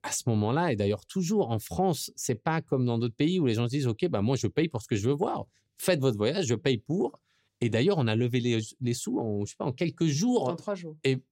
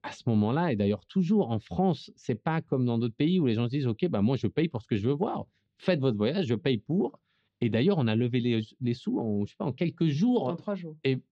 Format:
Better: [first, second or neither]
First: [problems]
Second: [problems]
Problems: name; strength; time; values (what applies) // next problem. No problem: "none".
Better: first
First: none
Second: muffled; slightly; fading above 3.5 kHz